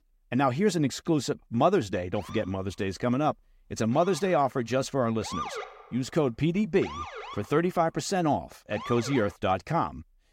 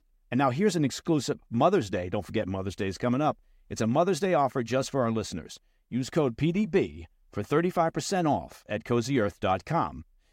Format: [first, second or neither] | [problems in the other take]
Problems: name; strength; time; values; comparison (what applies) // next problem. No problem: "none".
second | siren; noticeable; from 2 to 9 s; peak 7 dB below the speech